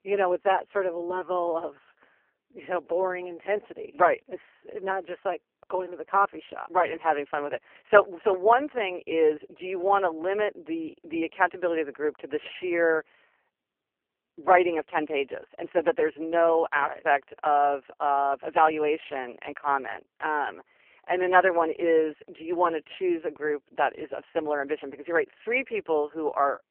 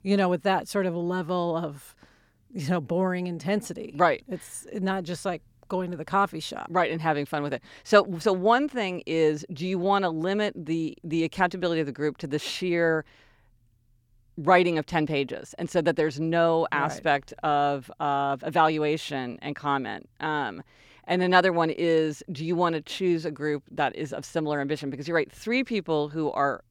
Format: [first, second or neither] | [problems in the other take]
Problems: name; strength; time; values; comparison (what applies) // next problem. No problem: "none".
second | phone-call audio; poor line